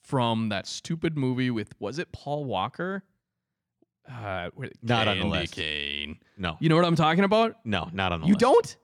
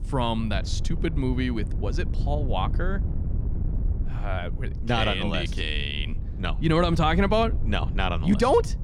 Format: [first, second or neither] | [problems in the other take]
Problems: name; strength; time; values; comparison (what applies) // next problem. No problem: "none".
first | wind noise on the microphone; occasional gusts; 20 dB below the speech